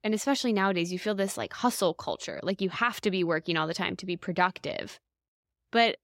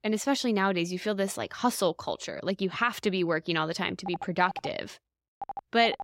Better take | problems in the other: first | phone ringing; faint; from 4 s on; peak 10 dB below the speech

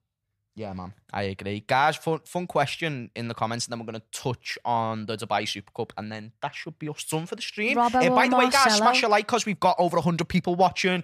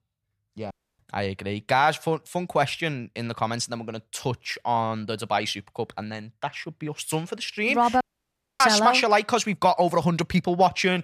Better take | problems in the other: first | audio cutting out; at 0.5 s and at 8 s for 0.5 s

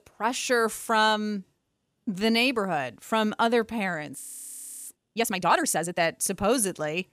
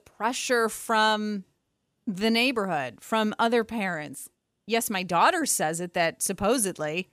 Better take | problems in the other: second | audio freezing; at 4 s for 0.5 s

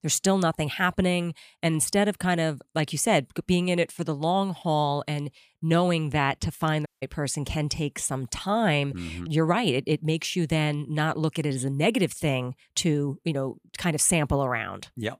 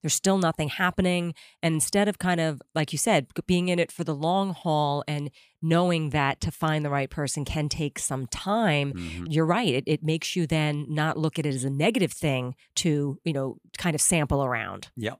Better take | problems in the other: second | audio cutting out; at 7 s

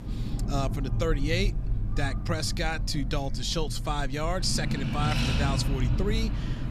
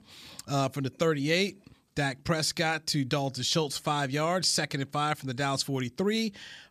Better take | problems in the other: second | traffic noise; very loud; throughout; as loud as the speech

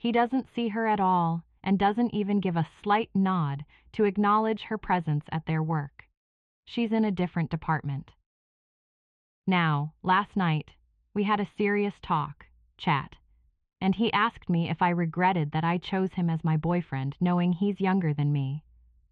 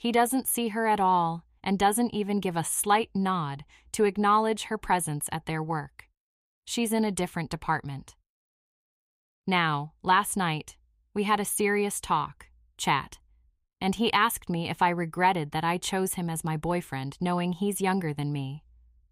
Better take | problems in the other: second | muffled; slightly; fading above 3.5 kHz

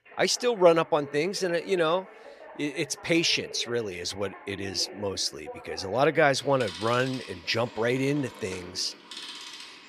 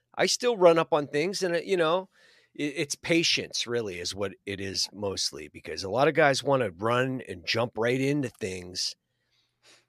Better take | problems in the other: second | alarms or sirens; noticeable; throughout; 15 dB below the speech

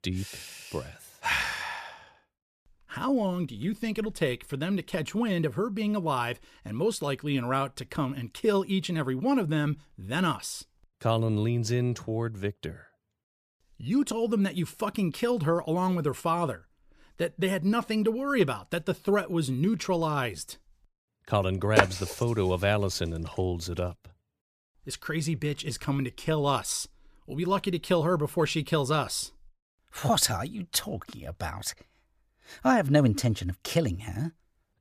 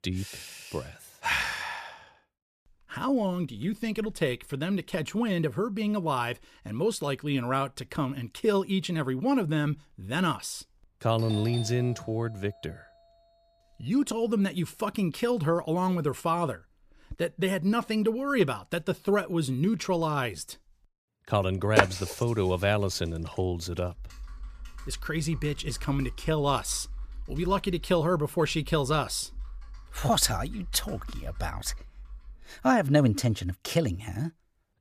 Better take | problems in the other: first | doorbell; faint; from 11 to 17 s; peak 10 dB below the speech // keyboard typing; faint; from 24 to 33 s; peak 15 dB below the speech

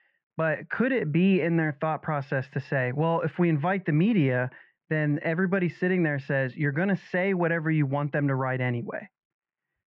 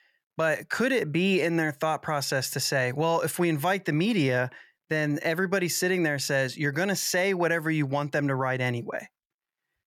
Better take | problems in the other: second | muffled; very; fading above 2.5 kHz

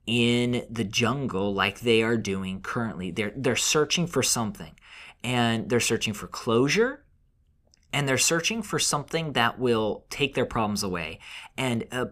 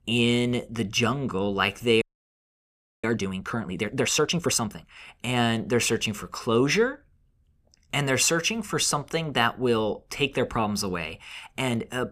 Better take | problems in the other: first | audio freezing; at 2 s for 1 s

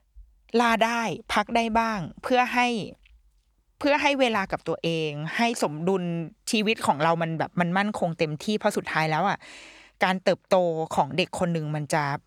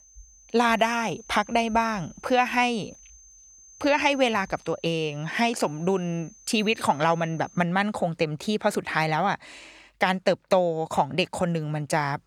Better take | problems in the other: first | high-pitched whine; faint; until 7.5 s; 6.5 kHz, 25 dB below the speech

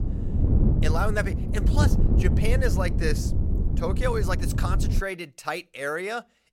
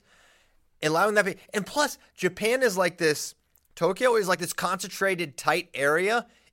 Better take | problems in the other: second | wind noise on the microphone; heavy; until 5 s; 6 dB below the speech

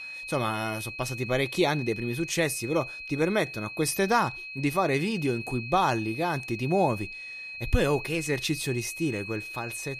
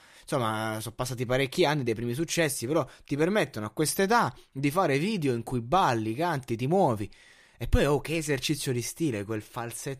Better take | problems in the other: second | high-pitched whine; loud; throughout; 2.5 kHz, 9 dB below the speech

